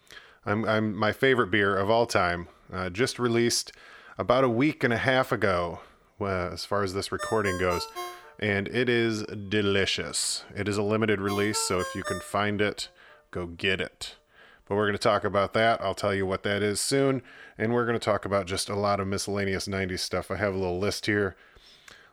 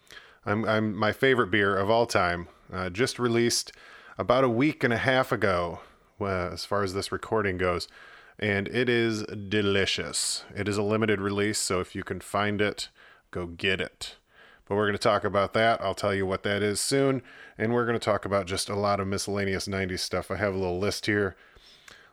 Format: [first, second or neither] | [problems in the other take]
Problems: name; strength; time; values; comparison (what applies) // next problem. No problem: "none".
second | phone ringing; noticeable; from 7 to 13 s; peak 8 dB below the speech